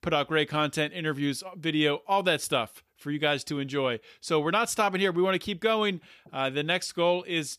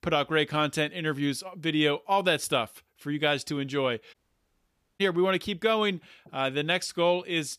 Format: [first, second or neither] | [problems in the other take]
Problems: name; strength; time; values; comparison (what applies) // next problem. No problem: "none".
first | audio cutting out; at 4 s for 1 s